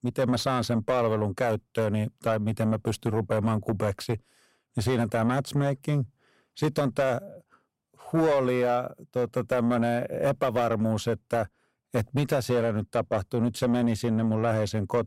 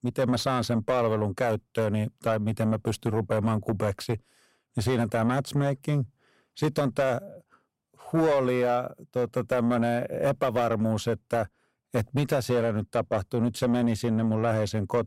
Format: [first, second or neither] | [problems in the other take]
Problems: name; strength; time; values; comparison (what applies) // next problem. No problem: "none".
neither | distortion; slight; 10 dB below the speech; the same in both